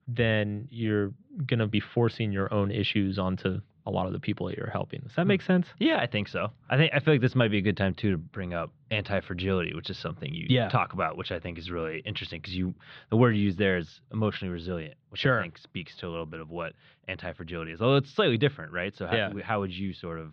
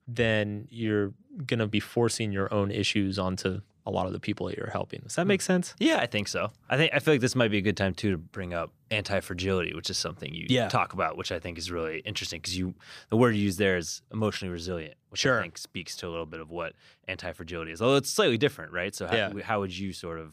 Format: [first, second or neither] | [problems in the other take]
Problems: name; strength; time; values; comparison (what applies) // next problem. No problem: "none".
second | muffled; slightly; fading above 3.5 kHz